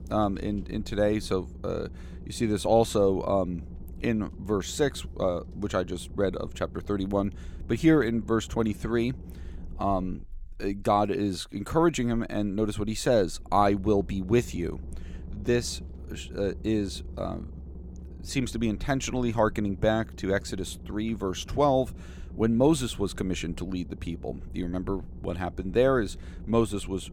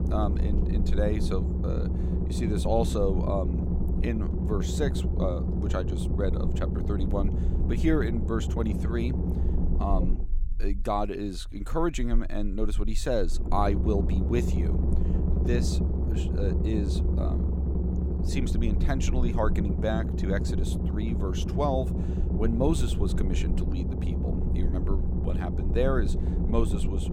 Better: first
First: low rumble; faint; throughout; 25 dB below the speech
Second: low rumble; loud; throughout; 6 dB below the speech

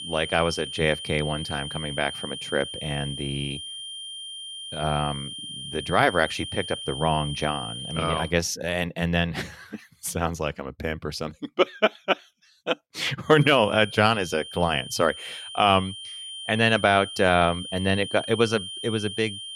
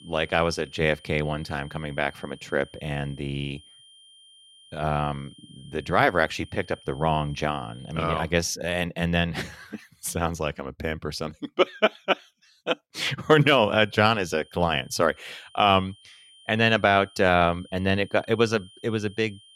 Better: second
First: high-pitched whine; loud; until 8.5 s and from 13 s on; 3 kHz, 9 dB below the speech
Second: high-pitched whine; faint; until 8.5 s and from 13 s on; 3 kHz, 25 dB below the speech

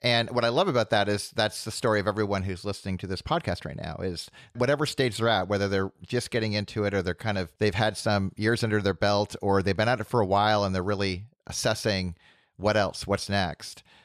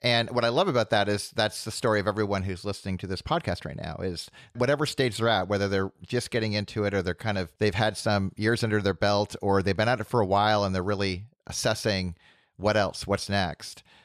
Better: neither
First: none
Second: none

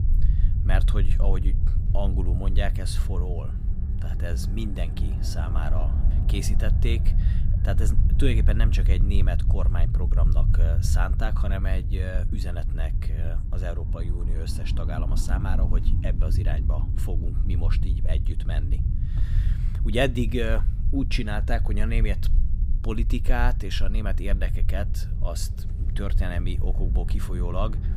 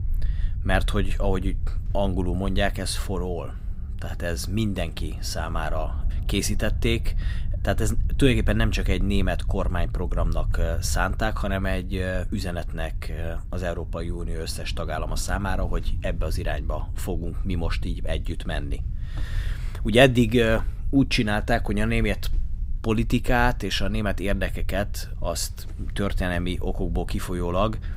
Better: second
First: low rumble; loud; throughout; 8 dB below the speech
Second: low rumble; faint; throughout; 20 dB below the speech

